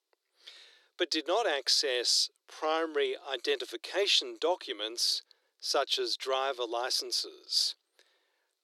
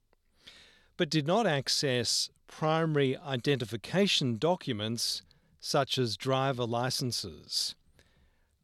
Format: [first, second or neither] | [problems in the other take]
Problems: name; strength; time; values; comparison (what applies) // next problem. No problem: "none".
second | thin; very; fading below 350 Hz